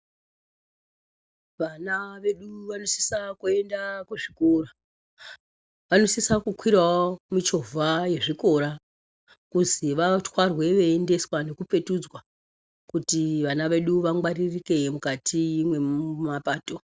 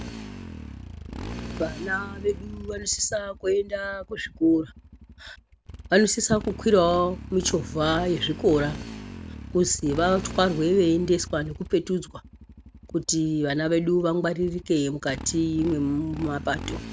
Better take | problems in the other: first | background sound (Motorcycle); 13 dB below the speech

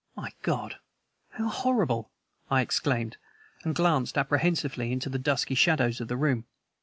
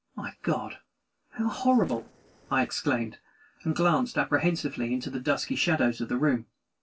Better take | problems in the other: first | noise reduction (neural separator model SepFormer DNS4)

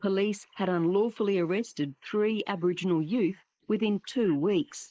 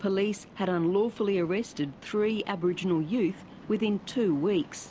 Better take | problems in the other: second | noise reduction (neural mask model Resemble Enhance denoiser)

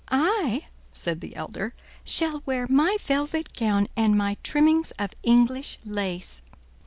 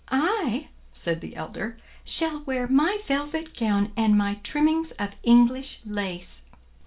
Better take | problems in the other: first | room echo; dies away in 0.3 s

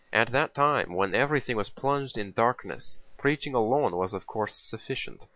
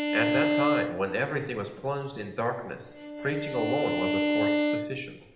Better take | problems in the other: first | background sound (Bowed string instrument); 2 dB above the speech // room echo; dies away in 0.8 s

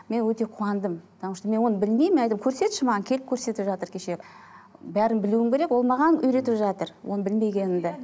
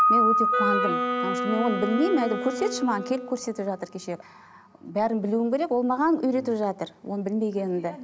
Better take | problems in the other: first | background sound (Wind instrument, woodwind instrument + Piano); 2 dB below the speech

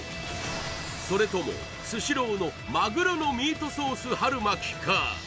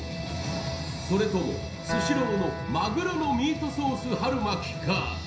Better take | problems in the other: first | background sound (Acoustic guitar); 11 dB below the speech // room echo; dies away in 0.5 s

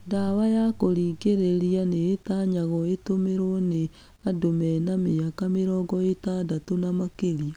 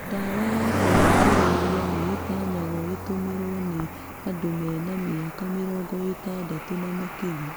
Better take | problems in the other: first | background sound (Cricket); 1 dB above the speech

